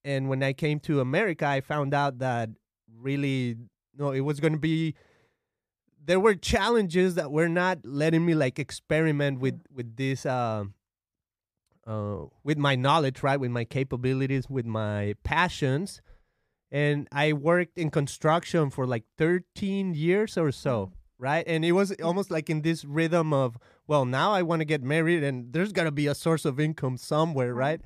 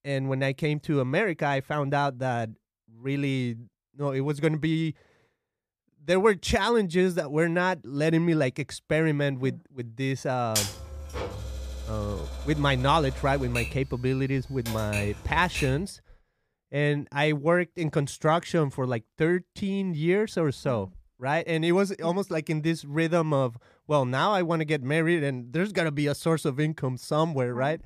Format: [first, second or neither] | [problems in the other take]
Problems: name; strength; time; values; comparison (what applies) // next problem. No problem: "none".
first | keyboard typing; noticeable; from 11 to 16 s; peak 1 dB below the speech